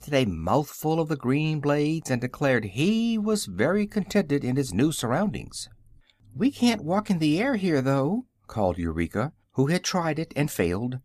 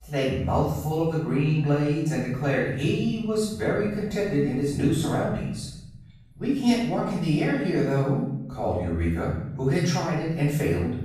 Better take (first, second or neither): first